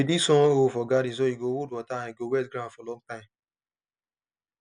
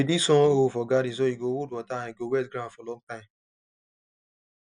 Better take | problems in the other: first | noise reduction (neural mask model DeepFilterNet 3)

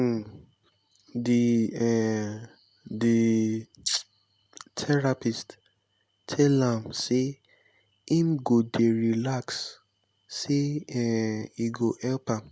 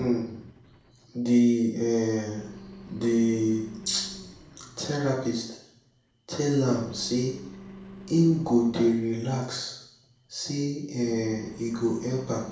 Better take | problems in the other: first | background sound (Engine); 19 dB below the speech // room echo; dies away in 0.6 s

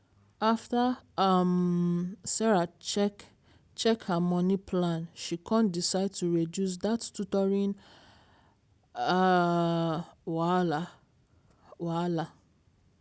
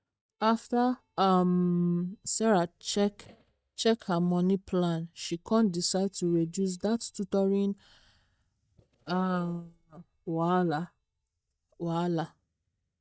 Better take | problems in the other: first | noise reduction (neural mask model DeepFilterNet 3)

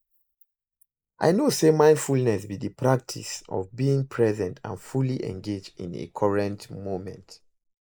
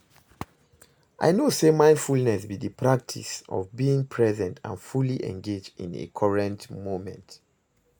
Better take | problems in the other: second | noise reduction (neural mask model Resemble Enhance denoiser)

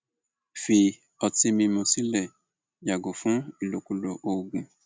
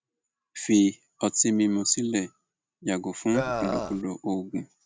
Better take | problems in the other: first | background sound (Burping, eructation); 2 dB below the speech

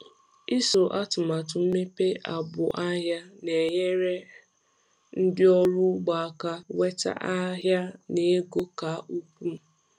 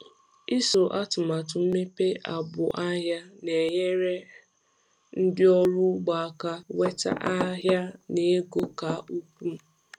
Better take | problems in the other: first | background sound (Knock / Wood); 11 dB below the speech

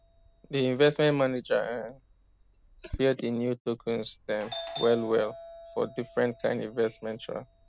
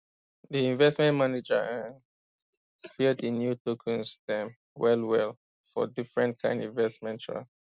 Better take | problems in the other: second | background sound (Doorbell); 16 dB below the speech

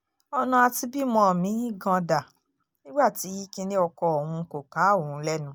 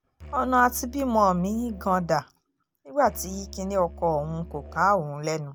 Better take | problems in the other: first | background sound (Musical instrument); 17 dB below the speech

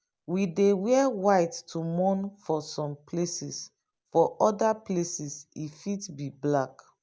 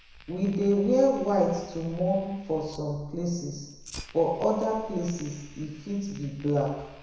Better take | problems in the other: first | background sound (Fire); 19 dB below the speech // room echo; dies away in 1 s

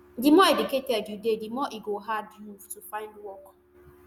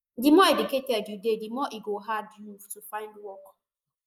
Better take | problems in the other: first | noise reduction (neural mask model Resemble Enhance denoiser)

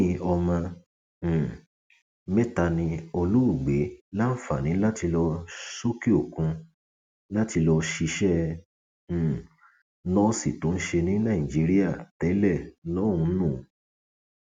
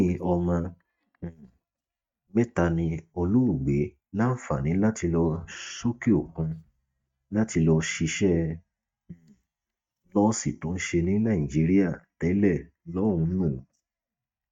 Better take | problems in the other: first | noise reduction (neural mask model DeepFilterNet 3)

